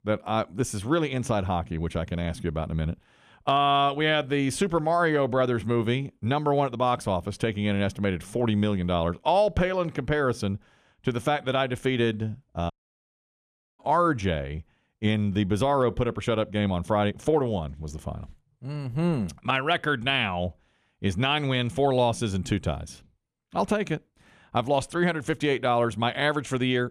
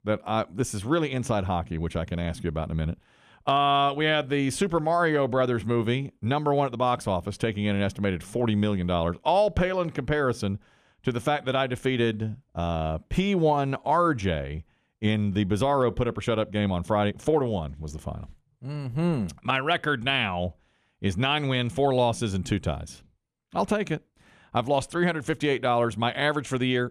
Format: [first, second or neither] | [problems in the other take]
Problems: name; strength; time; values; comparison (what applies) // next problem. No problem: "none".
second | audio cutting out; at 13 s for 1 s